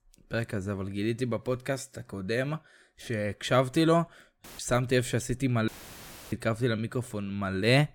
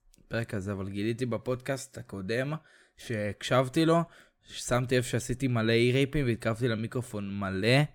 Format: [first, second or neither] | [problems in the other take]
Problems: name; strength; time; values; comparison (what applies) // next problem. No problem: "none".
second | audio cutting out; filled with static; at 4.5 s and at 5.5 s for 0.5 s